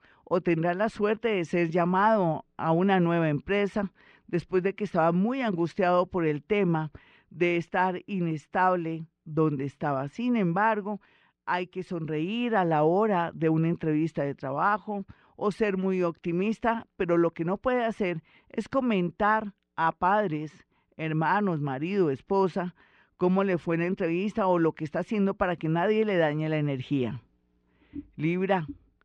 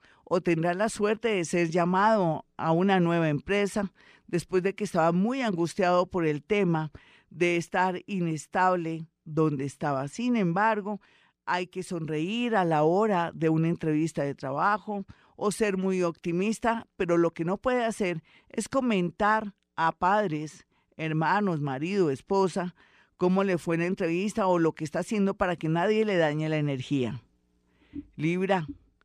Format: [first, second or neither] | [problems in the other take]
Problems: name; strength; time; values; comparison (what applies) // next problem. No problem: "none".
second | muffled; slightly; fading above 3 kHz